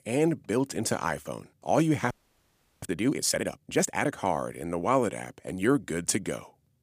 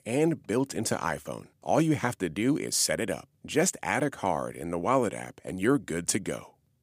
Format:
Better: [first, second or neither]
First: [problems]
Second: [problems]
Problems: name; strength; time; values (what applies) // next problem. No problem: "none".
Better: second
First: audio freezing; at 2 s for 0.5 s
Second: none